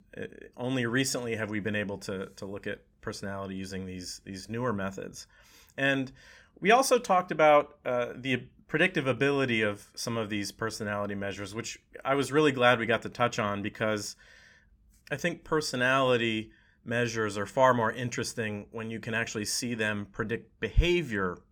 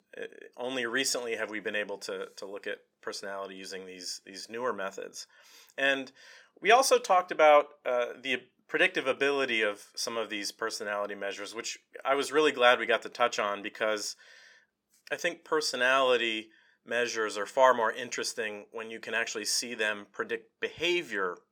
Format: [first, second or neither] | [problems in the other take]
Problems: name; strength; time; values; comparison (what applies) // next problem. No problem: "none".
first | thin; somewhat; fading below 450 Hz